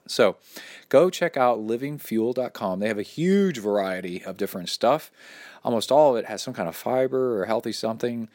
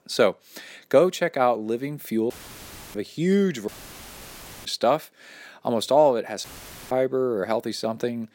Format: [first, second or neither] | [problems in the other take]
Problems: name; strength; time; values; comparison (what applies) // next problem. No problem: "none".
first | audio cutting out; filled with static; at 2.5 s for 0.5 s, at 3.5 s for 1 s and at 6.5 s